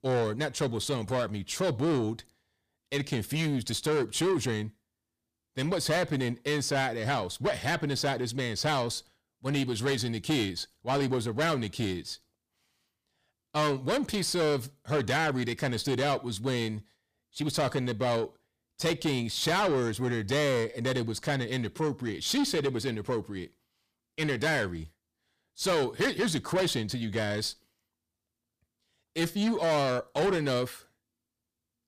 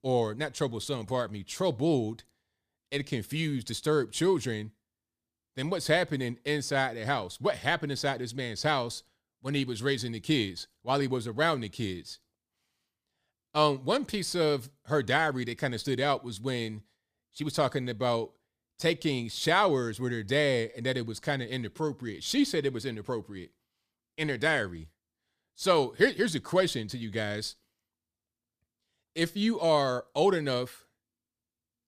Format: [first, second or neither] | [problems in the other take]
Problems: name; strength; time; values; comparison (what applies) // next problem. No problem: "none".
second | distortion; heavy; 7 dB below the speech